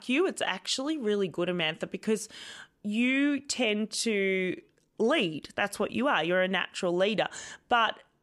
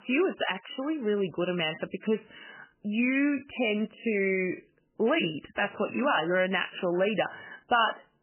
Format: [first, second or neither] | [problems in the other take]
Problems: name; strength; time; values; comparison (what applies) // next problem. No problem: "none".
first | garbled, watery; badly; nothing above 3 kHz